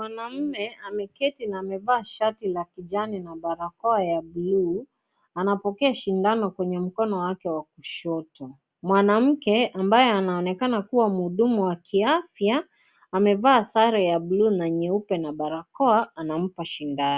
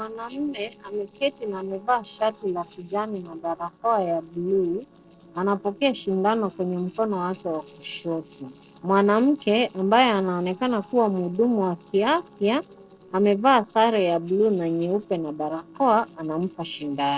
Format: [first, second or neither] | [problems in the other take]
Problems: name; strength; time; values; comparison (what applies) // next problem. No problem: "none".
first | noise reduction (neural separator model SepFormer DNS4)